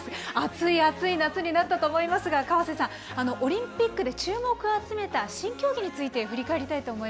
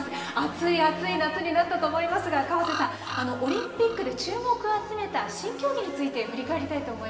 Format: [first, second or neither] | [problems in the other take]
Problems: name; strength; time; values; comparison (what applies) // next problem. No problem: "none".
first | background sound (Bird vocalization, bird call, bird song); 10 dB below the speech // room echo; dies away in 2.3 s